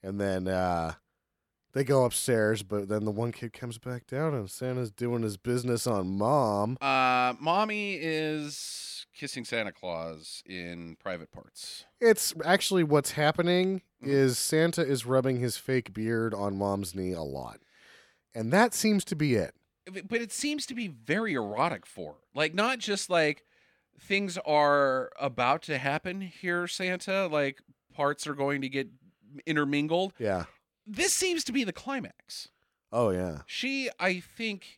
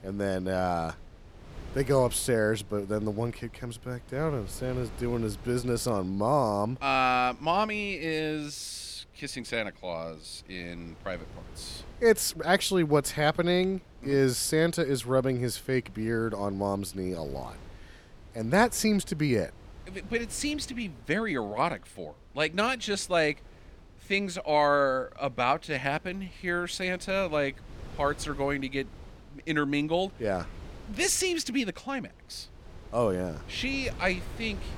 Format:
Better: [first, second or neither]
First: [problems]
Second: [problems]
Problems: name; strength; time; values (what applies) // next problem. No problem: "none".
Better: first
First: none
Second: wind noise on the microphone; occasional gusts; 25 dB below the speech